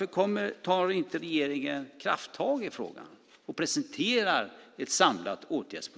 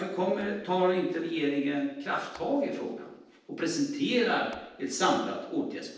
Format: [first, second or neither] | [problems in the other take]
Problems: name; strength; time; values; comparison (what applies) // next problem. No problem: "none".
first | noise reduction (neural separator model SepFormer DNS4)